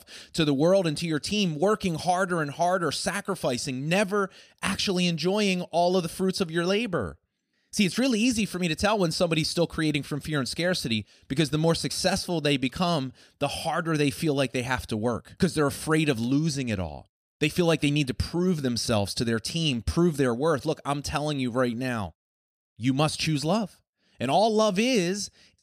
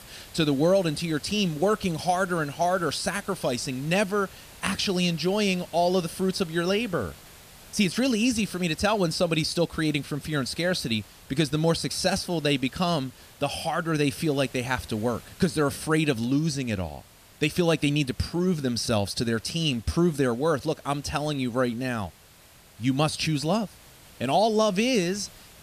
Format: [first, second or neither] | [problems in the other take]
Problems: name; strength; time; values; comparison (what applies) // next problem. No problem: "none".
first | hiss; faint; throughout; 20 dB below the speech